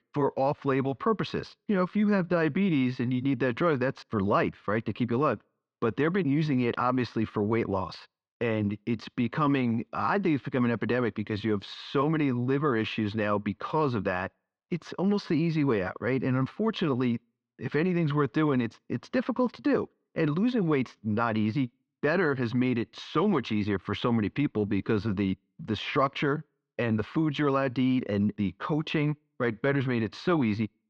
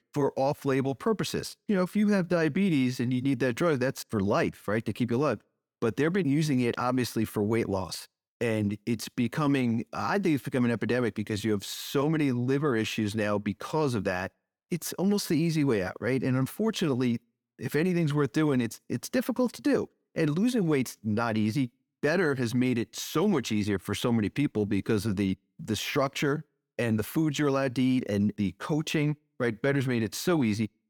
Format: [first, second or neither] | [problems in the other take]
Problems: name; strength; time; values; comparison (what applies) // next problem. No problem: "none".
second | muffled; slightly; fading above 4 kHz